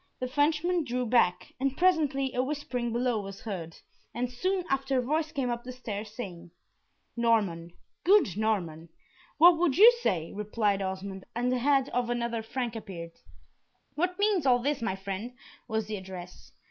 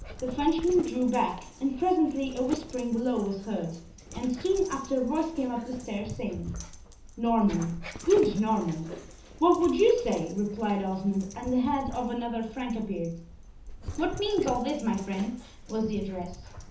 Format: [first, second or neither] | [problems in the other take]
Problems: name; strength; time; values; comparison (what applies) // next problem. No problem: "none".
first | background sound (Dog); 14 dB below the speech // room echo; dies away in 0.6 s